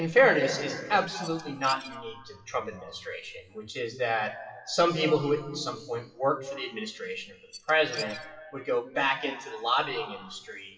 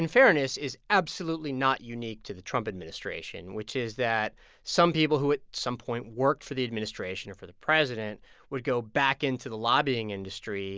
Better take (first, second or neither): second